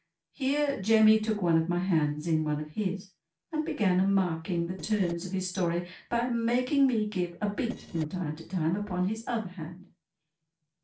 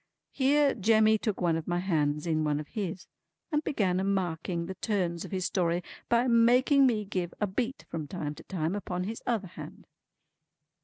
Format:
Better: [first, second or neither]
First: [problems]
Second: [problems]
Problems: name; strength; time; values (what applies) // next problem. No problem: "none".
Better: second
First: noise reduction (neural separator model SepFormer DNS4)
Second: none